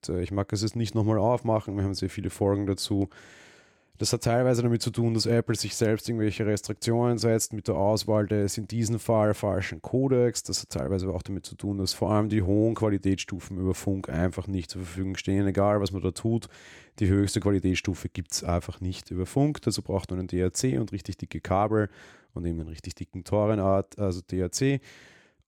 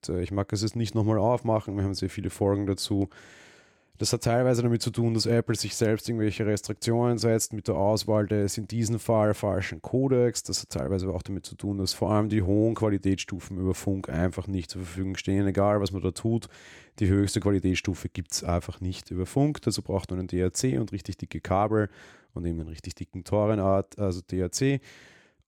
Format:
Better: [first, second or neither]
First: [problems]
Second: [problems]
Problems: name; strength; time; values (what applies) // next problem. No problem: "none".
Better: neither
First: none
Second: none